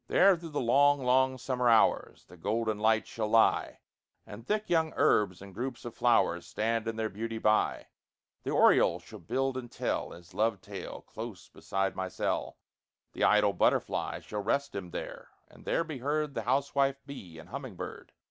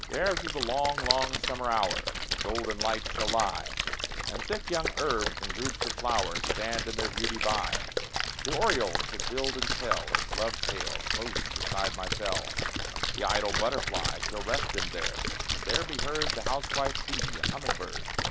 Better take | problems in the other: first | background sound (Splash, splatter); 2 dB above the speech

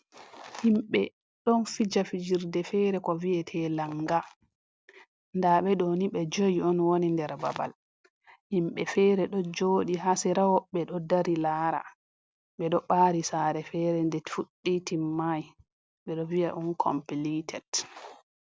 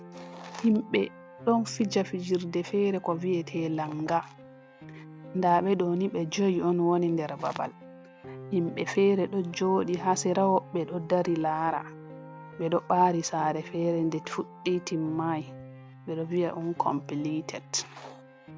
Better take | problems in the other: first | background sound (Piano); 17 dB below the speech

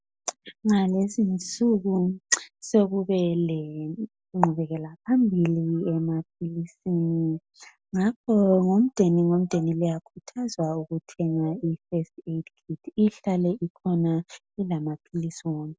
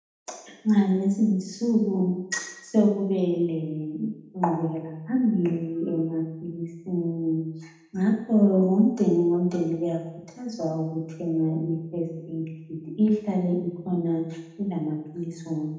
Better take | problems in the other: first | room echo; dies away in 0.8 s

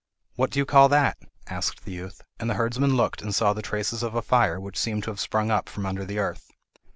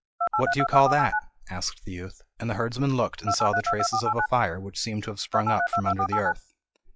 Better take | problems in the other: first | noise reduction (classical method log-MMSE)

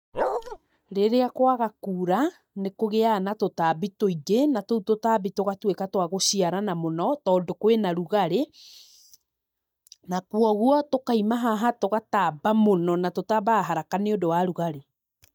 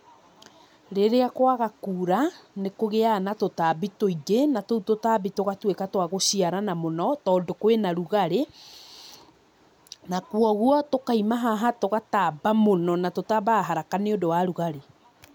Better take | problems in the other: second | noise reduction (neural mask model DeepFilterNet 3)

